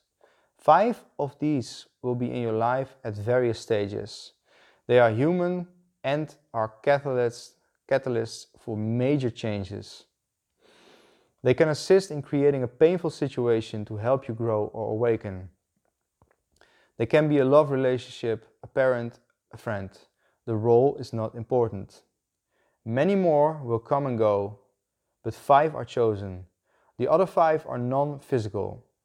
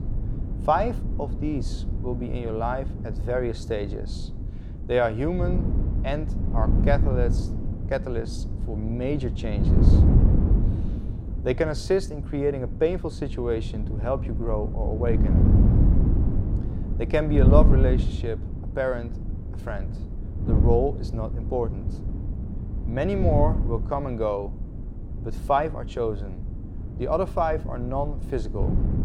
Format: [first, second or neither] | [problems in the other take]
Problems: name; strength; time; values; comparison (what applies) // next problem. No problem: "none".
first | wind noise on the microphone; occasional gusts; 10 dB below the speech